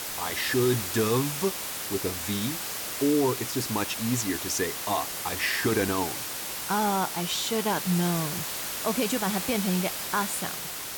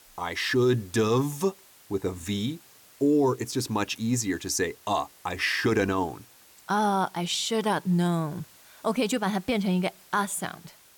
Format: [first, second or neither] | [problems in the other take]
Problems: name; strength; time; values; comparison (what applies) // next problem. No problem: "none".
second | hiss; loud; throughout; 3 dB below the speech; faint in the second